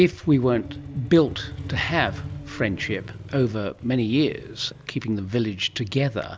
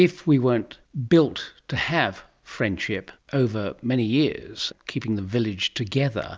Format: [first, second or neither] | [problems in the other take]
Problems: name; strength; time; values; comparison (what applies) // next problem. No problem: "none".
second | background sound (Musical instrument + Motorcycle); 14 dB below the speech